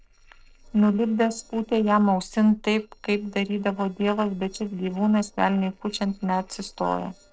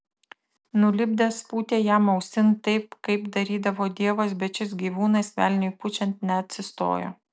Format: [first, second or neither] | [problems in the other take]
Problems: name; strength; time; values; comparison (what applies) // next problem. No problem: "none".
second | noise reduction (neural separator model SepFormer DNS4)